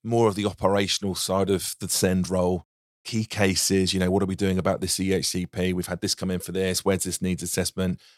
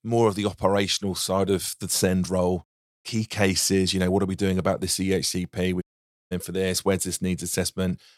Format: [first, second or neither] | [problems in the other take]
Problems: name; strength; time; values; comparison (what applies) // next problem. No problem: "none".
first | audio cutting out; at 6 s